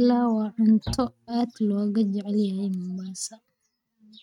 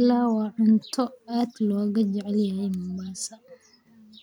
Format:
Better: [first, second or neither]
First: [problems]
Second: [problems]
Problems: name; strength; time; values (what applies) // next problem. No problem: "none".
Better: second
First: noise reduction (neural mask model RNNoise)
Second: none